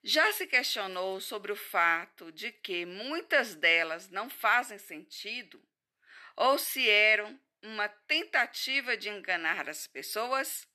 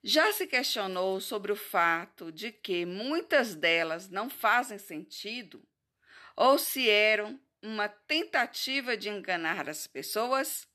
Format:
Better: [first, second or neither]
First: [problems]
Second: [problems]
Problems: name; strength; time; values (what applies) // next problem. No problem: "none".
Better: second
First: thin; very slightly; fading below 800 Hz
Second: none